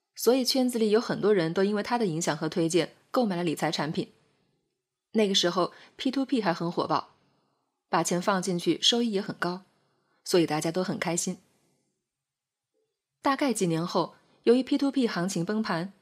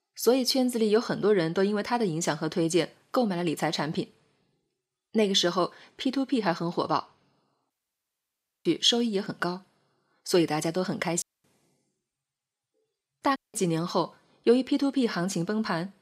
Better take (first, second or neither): first